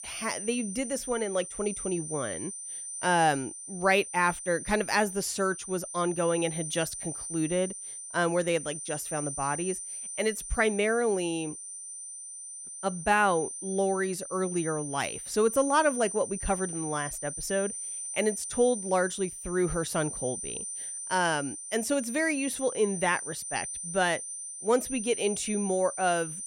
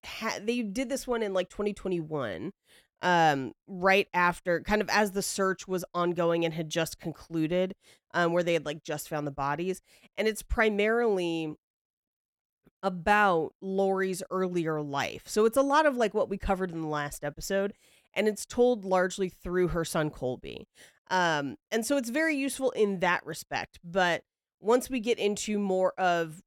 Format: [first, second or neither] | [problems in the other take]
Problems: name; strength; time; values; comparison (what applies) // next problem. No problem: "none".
second | high-pitched whine; loud; throughout; 9 kHz, 7 dB below the speech